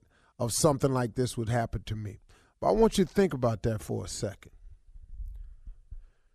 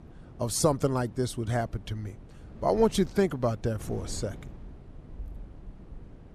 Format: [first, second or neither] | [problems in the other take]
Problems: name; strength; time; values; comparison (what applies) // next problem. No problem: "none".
first | wind noise on the microphone; occasional gusts; 25 dB below the speech